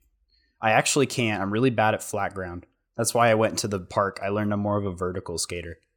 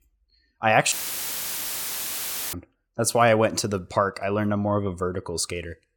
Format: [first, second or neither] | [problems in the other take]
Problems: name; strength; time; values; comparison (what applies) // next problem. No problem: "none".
first | audio cutting out; filled with static; at 1 s for 1.5 s